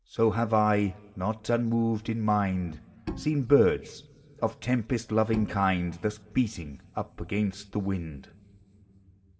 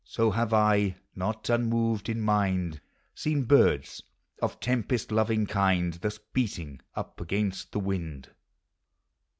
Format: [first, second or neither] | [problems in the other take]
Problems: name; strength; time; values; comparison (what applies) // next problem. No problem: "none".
second | background sound (Bowed string instrument); 13 dB below the speech // room echo; dies away in 2.4 s